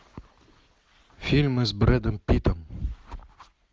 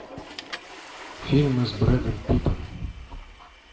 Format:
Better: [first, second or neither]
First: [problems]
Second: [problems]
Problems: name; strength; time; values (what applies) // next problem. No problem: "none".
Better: first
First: none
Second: background sound (Toilet flush / Water); 15 dB below the speech // room echo; dies away in 0.7 s